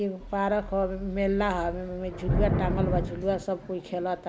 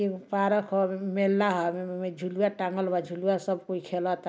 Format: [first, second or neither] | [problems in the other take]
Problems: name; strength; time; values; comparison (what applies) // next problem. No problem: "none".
second | background sound (Thunder / Rain); 3 dB below the speech